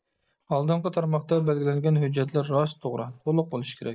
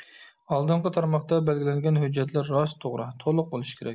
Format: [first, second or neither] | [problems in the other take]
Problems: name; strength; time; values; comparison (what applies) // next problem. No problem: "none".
second | noise reduction (neural mask model DeepFilterNet 3)